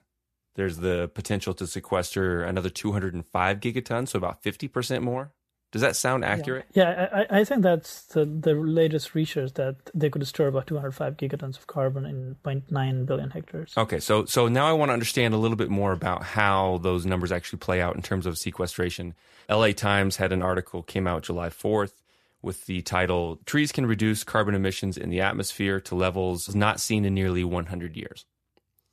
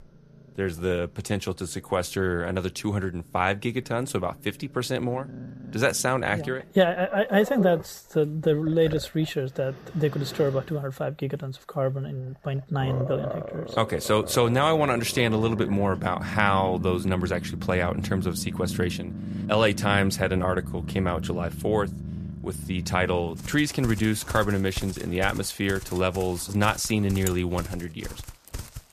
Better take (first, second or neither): first